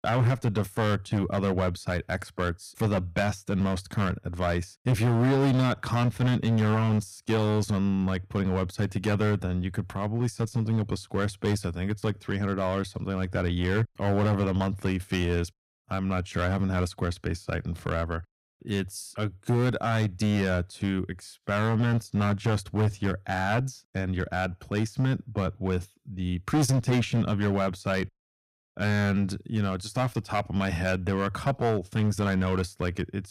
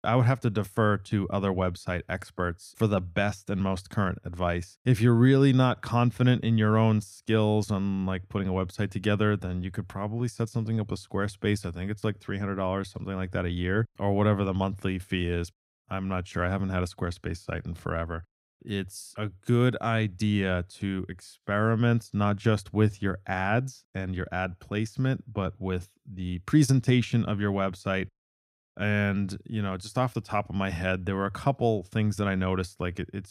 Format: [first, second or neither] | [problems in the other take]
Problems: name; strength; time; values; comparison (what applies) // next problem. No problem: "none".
second | distortion; heavy; 8% of the sound clipped